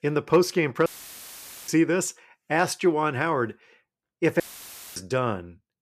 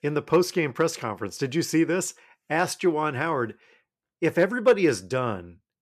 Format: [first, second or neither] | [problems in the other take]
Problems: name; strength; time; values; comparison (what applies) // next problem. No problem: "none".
second | audio cutting out; filled with static; at 1 s for 1 s and at 4.5 s for 0.5 s